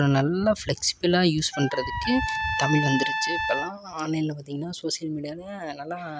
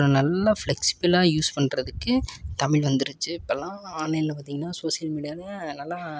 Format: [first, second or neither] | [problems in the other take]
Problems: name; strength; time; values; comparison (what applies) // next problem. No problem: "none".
second | background sound (Trumpet); 4 dB below the speech